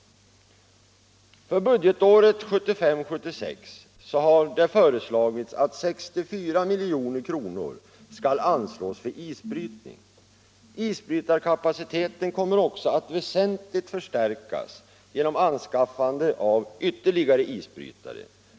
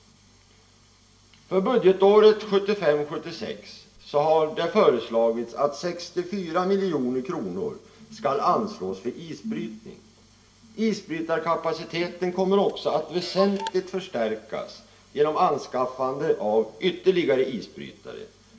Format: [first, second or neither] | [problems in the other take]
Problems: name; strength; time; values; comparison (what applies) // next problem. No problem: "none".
first | background sound (Clock); 17 dB below the speech // room echo; dies away in 0.5 s